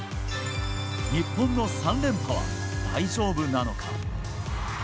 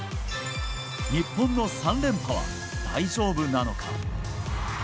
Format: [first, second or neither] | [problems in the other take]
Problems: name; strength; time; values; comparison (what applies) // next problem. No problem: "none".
second | background sound (Bowed string instrument); 6 dB below the speech